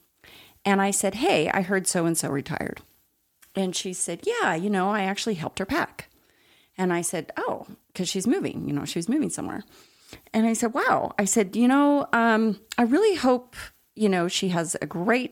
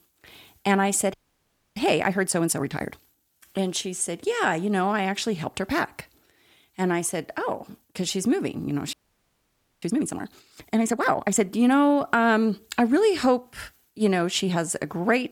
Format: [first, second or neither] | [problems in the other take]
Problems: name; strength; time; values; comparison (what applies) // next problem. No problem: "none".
first | audio freezing; at 1 s for 0.5 s and at 9 s for 1 s